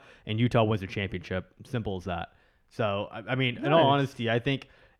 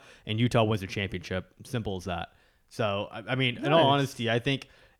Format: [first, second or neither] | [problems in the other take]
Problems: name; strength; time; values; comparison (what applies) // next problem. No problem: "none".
second | muffled; very slightly; fading above 4 kHz